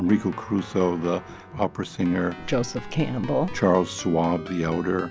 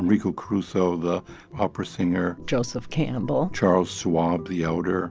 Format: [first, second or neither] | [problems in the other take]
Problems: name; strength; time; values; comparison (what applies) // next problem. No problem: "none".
second | background sound (Keyboard (musical)); 18 dB below the speech